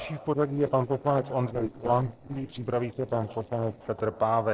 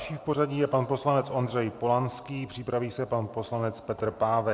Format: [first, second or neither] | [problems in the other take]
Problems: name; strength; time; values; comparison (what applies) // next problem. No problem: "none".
second | noise reduction (neural separator model SepFormer DNS4)